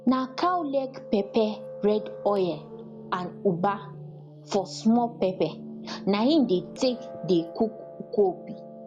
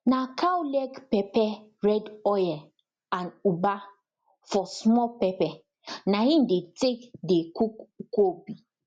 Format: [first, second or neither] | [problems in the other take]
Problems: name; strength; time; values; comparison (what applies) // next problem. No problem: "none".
second | background sound (Piano); 14 dB below the speech